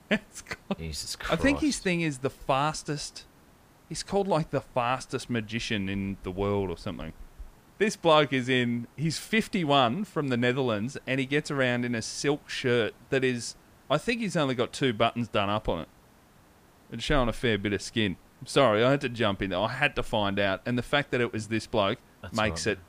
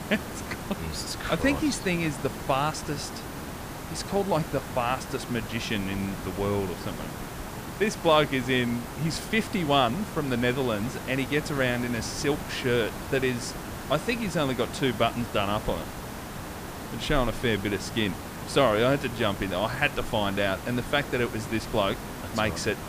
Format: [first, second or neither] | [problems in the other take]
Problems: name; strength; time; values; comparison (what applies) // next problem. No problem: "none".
first | hiss; loud; throughout; 9 dB below the speech; faint in the first